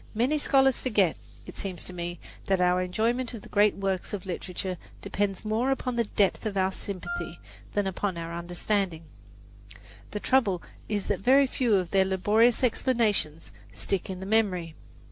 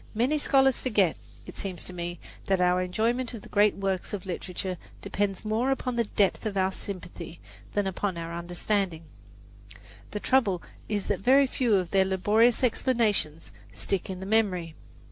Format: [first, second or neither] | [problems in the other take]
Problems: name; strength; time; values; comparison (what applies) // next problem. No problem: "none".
second | background sound (Wind instrument, woodwind instrument); 10 dB below the speech